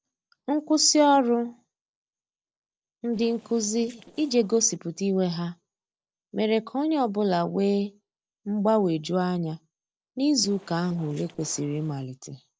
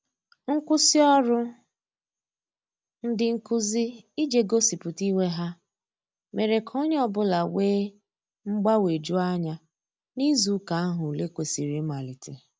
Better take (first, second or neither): second